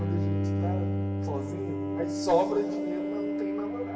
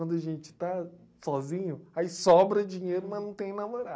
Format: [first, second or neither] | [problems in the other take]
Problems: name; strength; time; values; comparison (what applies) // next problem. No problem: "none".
second | background sound (Bowed string instrument); 3 dB above the speech // room echo; dies away in 2.4 s